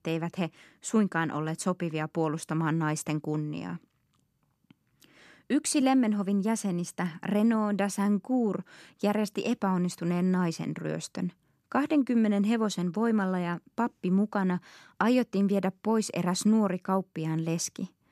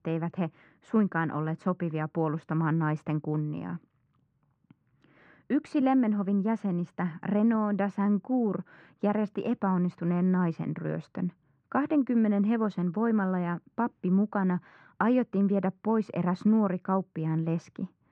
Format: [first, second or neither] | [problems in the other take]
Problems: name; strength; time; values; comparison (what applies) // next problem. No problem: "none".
first | muffled; very; fading above 1.5 kHz